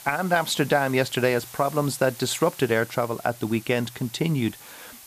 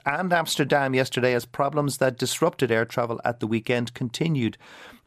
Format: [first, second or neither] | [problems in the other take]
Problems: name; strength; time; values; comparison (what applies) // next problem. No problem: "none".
second | hiss; noticeable; throughout; 15 dB below the speech